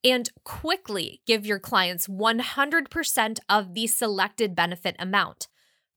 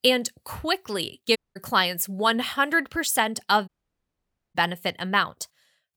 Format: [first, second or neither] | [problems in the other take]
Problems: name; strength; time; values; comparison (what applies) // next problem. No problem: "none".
first | audio cutting out; at 1.5 s and at 3.5 s for 1 s